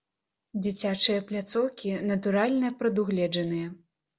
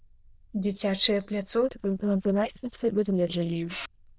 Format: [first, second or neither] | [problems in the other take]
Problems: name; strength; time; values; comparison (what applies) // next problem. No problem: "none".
first | noise reduction (neural diffusion model UNIVERSE++)